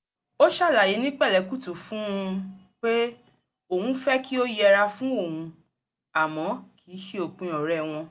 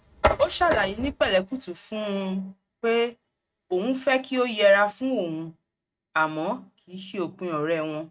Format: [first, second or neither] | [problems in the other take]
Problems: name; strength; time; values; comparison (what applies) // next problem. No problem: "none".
first | noise reduction (neural mask model RNNoise)